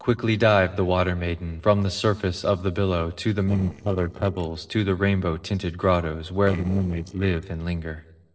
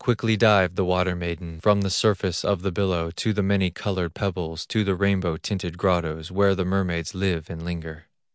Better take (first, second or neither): second